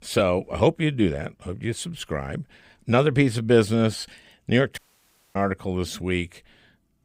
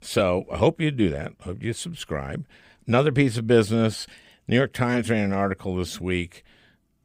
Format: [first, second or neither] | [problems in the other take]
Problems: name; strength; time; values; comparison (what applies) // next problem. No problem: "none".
second | audio cutting out; at 5 s for 0.5 s